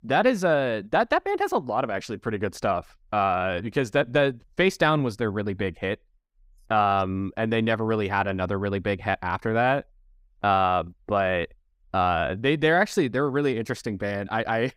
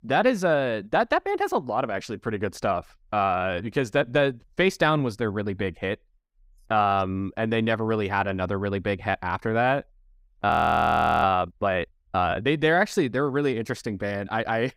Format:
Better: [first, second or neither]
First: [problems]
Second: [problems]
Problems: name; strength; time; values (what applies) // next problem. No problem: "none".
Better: first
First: none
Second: audio freezing; at 11 s for 0.5 s